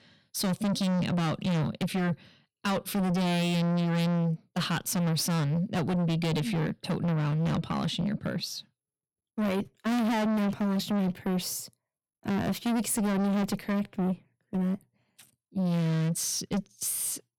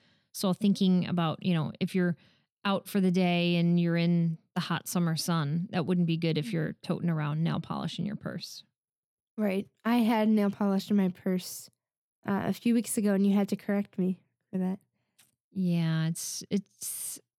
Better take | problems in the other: second | distortion; heavy; 7 dB below the speech

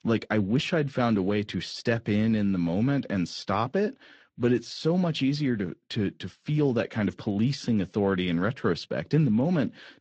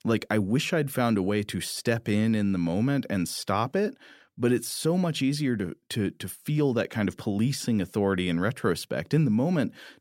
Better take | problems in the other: second | garbled, watery; slightly; nothing above 8 kHz

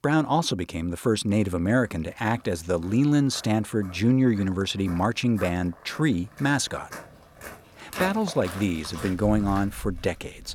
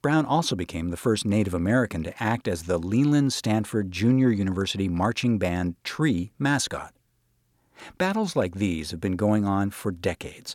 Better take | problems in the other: second | footsteps; noticeable; from 3.5 s on; peak 8 dB below the speech

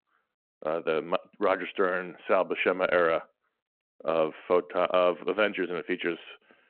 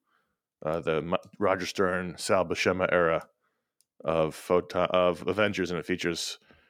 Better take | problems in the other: second | phone-call audio

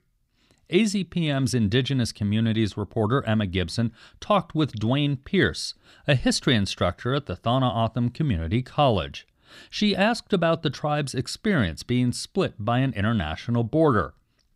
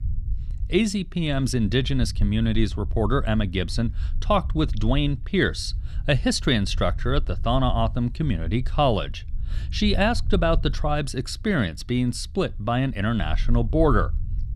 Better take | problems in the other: first | low rumble; faint; throughout; 25 dB below the speech

